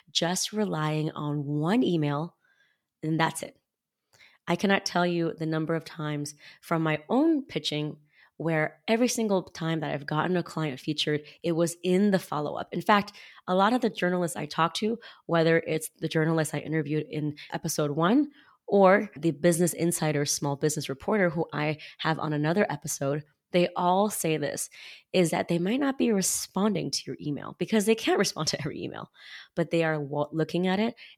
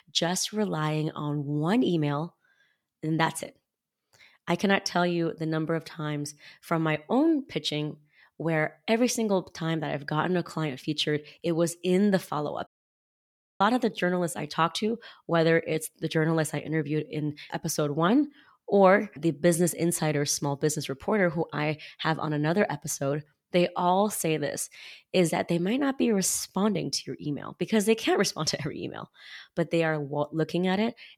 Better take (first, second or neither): first